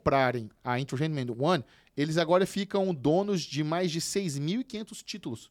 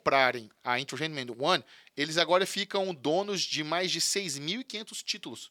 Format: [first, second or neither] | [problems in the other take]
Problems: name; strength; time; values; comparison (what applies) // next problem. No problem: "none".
first | thin; somewhat; fading below 700 Hz